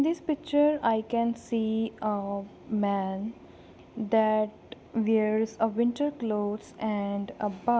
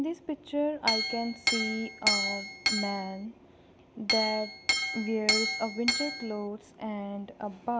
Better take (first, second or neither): first